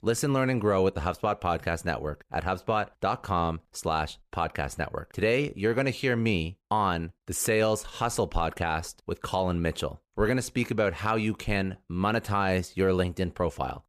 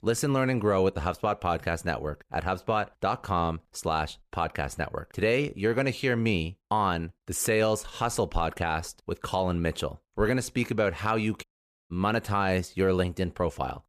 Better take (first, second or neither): first